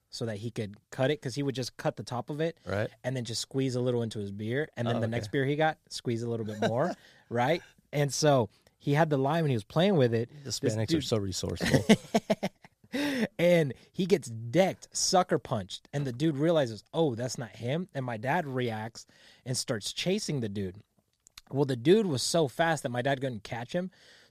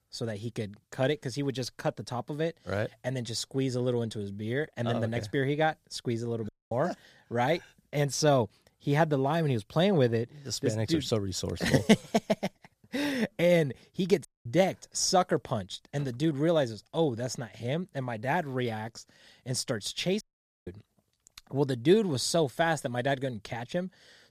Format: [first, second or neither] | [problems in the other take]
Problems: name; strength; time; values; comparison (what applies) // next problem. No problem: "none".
first | audio cutting out; at 6.5 s, at 14 s and at 20 s